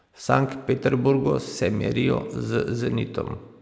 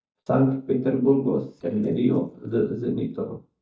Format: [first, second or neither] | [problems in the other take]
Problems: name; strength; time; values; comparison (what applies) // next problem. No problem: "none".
first | noise reduction (neural mask model DeepFilterNet 3)